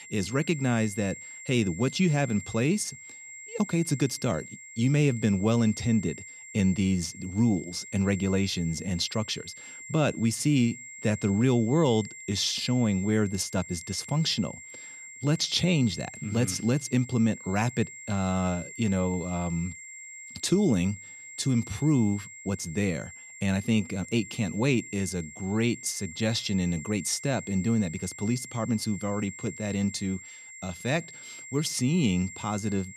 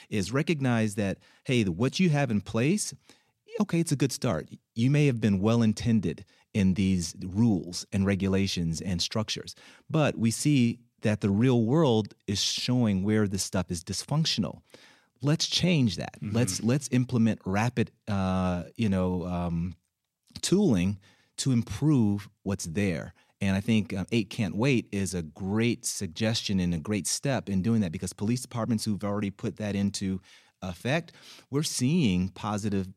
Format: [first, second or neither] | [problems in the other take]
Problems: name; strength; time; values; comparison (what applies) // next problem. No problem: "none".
second | high-pitched whine; noticeable; throughout; 2 kHz, 15 dB below the speech